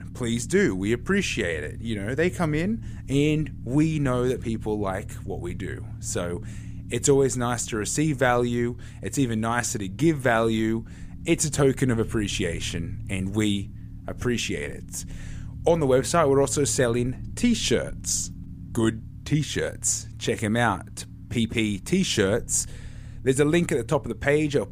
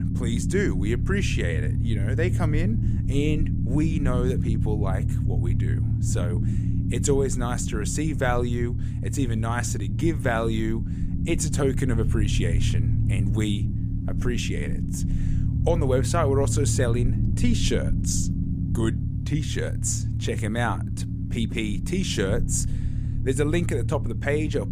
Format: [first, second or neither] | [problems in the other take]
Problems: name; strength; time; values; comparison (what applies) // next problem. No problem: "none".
first | low rumble; loud; throughout; 8 dB below the speech; faint in the first